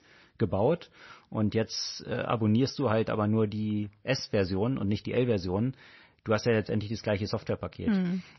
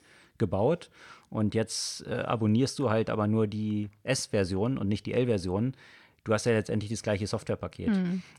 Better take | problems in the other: second | garbled, watery; slightly; nothing above 6 kHz

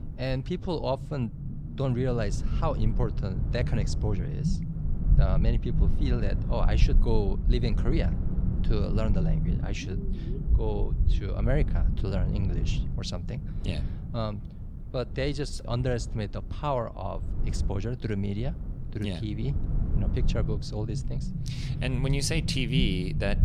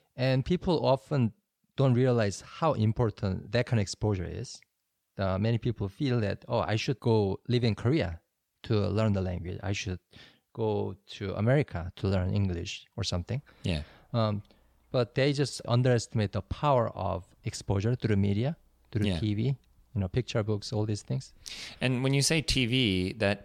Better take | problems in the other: second | low rumble; loud; throughout; 9 dB below the speech

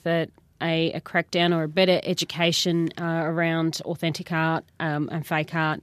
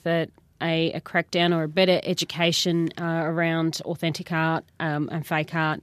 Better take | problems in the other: neither | none

